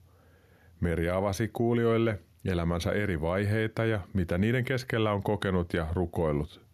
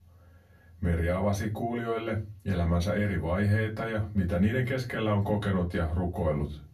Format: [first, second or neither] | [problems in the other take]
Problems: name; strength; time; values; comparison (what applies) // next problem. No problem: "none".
first | off-mic speech; far // room echo; very slight; dies away in 0.3 s